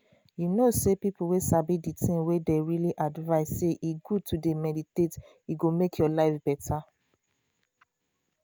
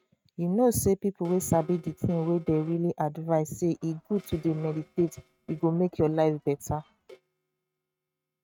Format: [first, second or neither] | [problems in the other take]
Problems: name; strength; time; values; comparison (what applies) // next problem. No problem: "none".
first | noise reduction (neural mask model RNNoise)